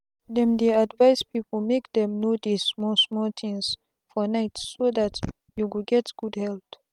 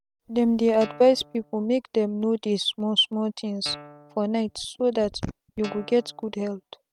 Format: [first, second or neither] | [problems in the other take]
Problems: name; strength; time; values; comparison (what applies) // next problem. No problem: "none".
first | background sound (Guitar); 19 dB below the speech